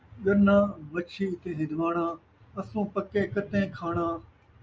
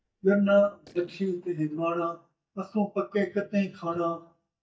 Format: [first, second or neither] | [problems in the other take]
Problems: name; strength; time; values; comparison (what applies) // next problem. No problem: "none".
first | noise reduction (neural mask model DeepFilterNet 3)